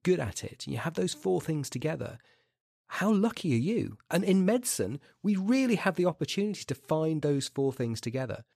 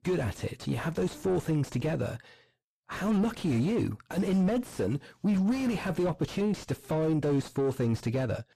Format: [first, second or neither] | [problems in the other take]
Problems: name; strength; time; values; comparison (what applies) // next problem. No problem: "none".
first | distortion; heavy; 6 dB below the speech